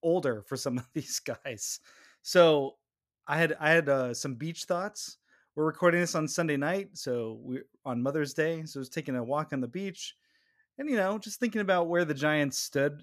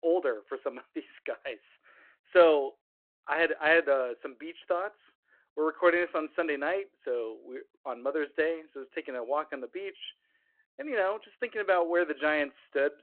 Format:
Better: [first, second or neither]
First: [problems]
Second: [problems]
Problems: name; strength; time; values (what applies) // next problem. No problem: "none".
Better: first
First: none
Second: phone-call audio